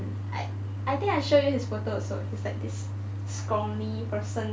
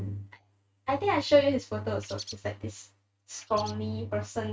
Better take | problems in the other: first | noise reduction (neural mask model RNNoise)

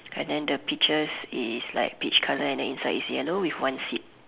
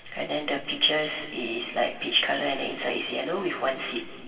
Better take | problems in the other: first | room echo; dies away in 2.4 s

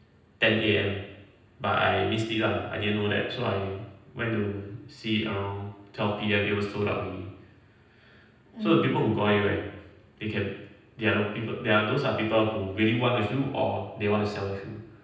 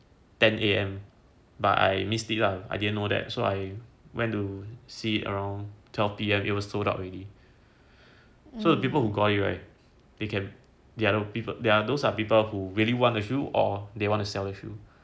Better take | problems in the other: second | room echo; dies away in 0.9 s

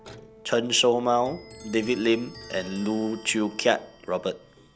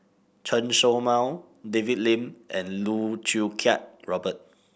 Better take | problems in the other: second | background sound (Brass instrument + Clock); 19 dB below the speech

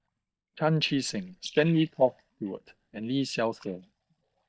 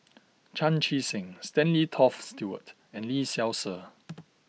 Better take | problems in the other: second | noise reduction (neural mask model DeepFilterNet 3)

